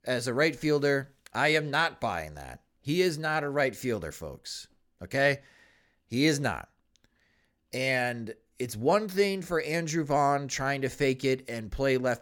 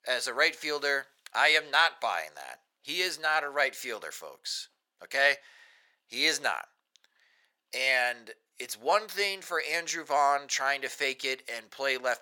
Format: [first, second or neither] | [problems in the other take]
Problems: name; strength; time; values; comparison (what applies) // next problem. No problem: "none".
first | thin; very; fading below 850 Hz